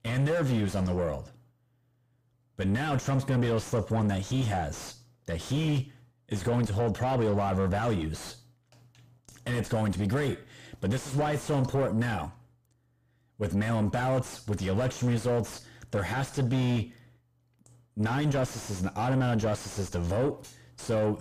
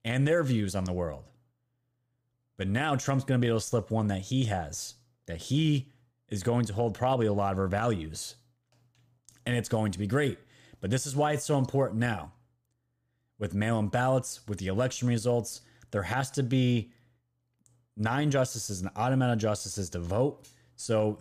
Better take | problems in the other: second | distortion; heavy; 6 dB below the speech

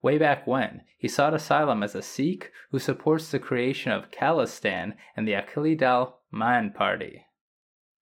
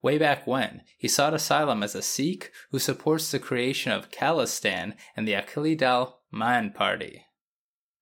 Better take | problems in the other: second | muffled; slightly; fading above 3.5 kHz

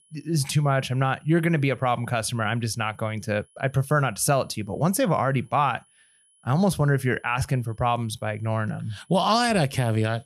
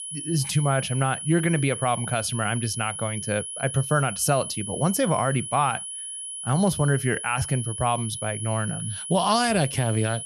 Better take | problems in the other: first | high-pitched whine; loud; throughout; 10.5 kHz, 7 dB below the speech; faint in the first

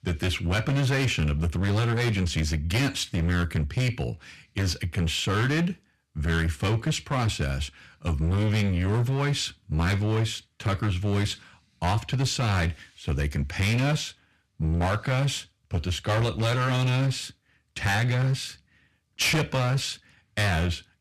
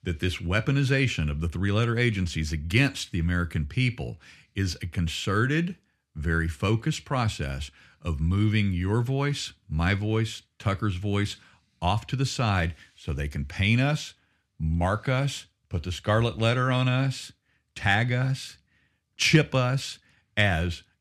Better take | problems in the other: second | distortion; heavy; 17% of the sound clipped

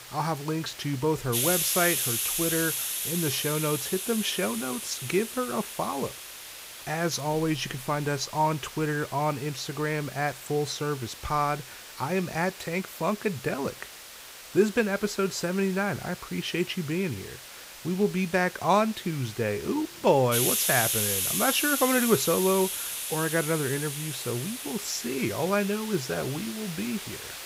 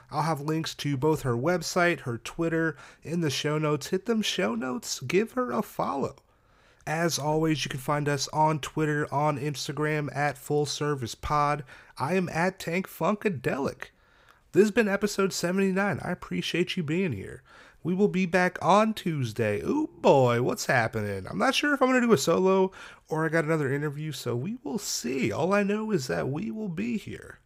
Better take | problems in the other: second | hiss; loud; throughout; 3 dB below the speech

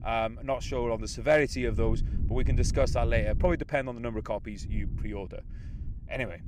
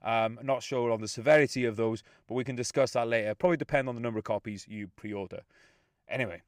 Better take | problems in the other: second | wind noise on the microphone; occasional gusts; 20 dB below the speech

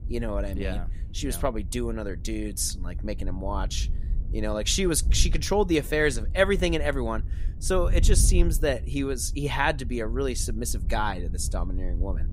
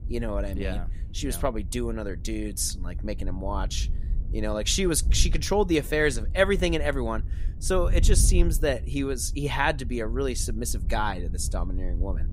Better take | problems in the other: neither | wind noise on the microphone; occasional gusts; 20 dB below the speech; the same in both

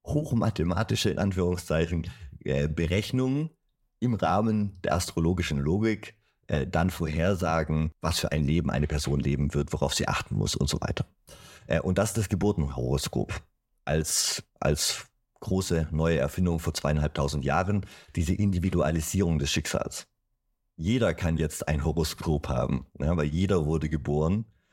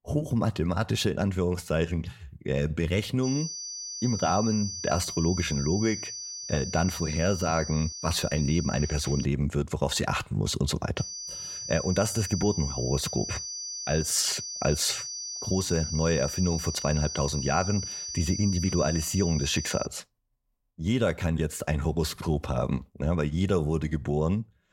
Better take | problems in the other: first | high-pitched whine; loud; from 3 to 9 s and from 11 to 20 s; 6 kHz, 6 dB below the speech

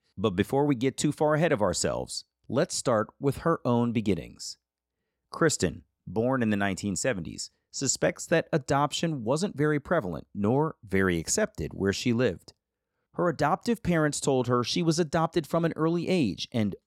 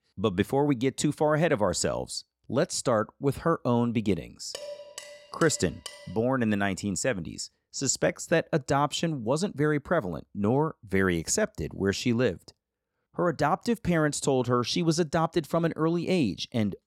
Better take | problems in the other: first | clattering dishes; faint; from 4.5 to 6 s; peak 10 dB below the speech

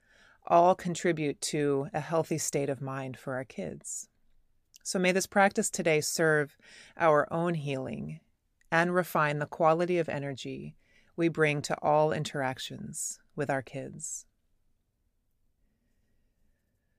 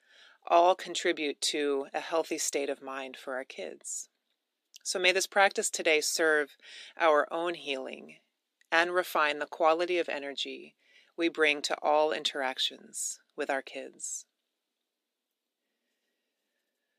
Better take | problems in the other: first | thin; somewhat; fading below 300 Hz

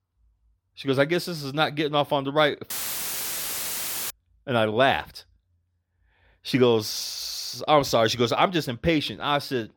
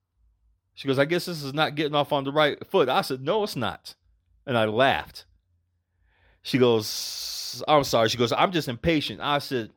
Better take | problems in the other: second | audio cutting out; filled with static; at 2.5 s for 1.5 s

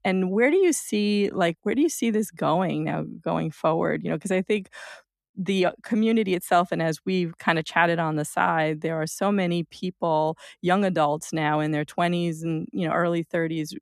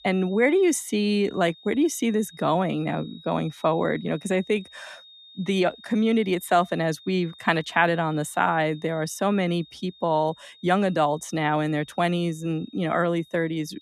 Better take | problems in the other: first | high-pitched whine; faint; throughout; 3.5 kHz, 25 dB below the speech

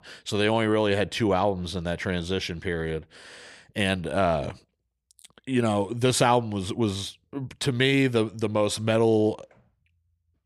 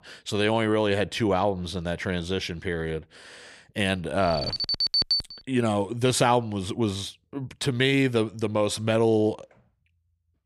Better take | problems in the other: first | alarm; loud; from 4.5 to 5.5 s; peak 4 dB above the speech

